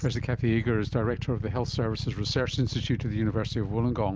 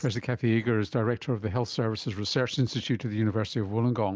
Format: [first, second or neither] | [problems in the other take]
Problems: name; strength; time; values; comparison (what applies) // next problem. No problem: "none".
second | background sound (Idling / Motorcycle); 5 dB below the speech